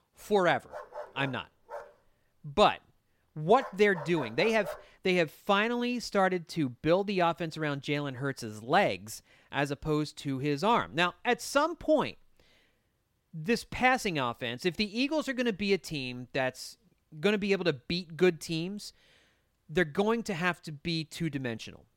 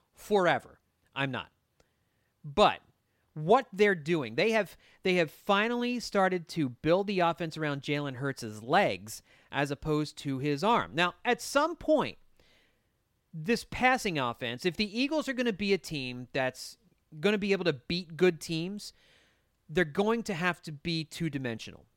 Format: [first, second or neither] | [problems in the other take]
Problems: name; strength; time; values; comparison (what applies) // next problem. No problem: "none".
second | dog barking; faint; from 0.5 to 5 s; peak 10 dB below the speech